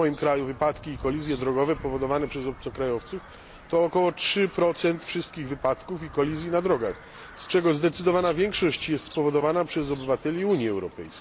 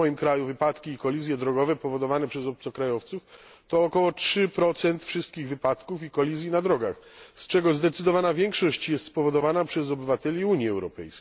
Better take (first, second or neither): second